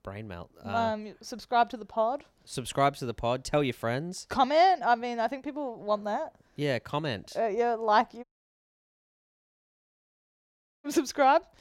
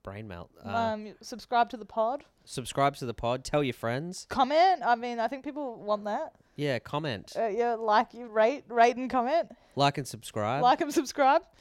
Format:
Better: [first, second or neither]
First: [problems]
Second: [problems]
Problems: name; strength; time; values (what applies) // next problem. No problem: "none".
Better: second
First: audio cutting out; at 8 s for 2.5 s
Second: none